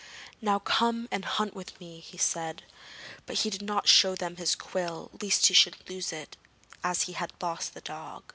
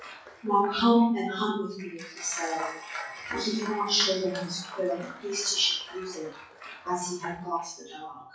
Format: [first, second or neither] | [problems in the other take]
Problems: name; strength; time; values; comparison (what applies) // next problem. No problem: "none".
first | noise reduction (classical method WPE with log-MMSE)